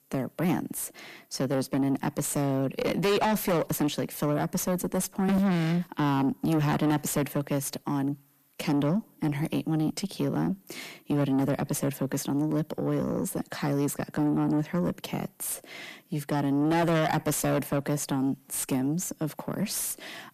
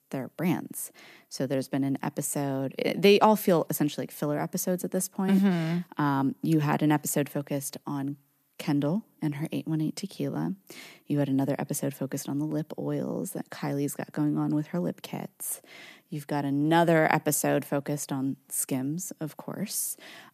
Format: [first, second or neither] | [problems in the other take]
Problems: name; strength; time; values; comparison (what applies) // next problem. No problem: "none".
second | distortion; heavy; 7 dB below the speech